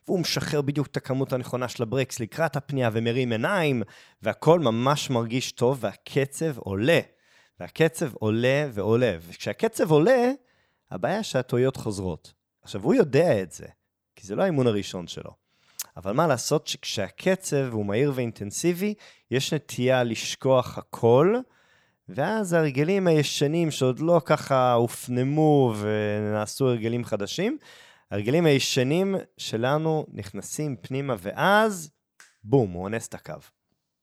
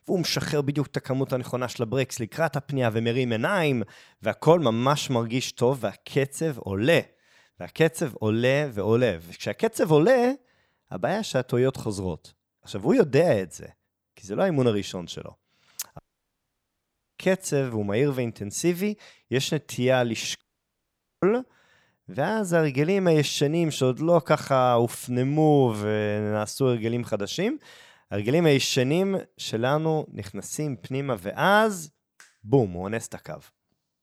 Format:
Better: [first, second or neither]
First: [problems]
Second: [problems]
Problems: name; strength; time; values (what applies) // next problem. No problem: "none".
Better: first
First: none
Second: audio cutting out; at 16 s for 1 s and at 20 s for 1 s